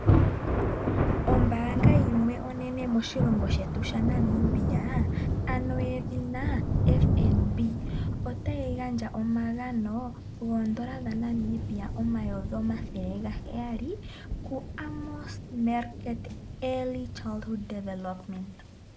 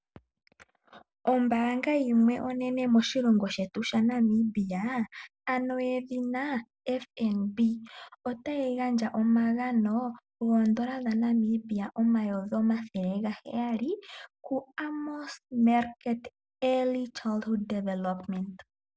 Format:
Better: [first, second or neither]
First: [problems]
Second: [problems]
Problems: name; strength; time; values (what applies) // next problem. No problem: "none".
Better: second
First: background sound (Thunder); 4 dB above the speech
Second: none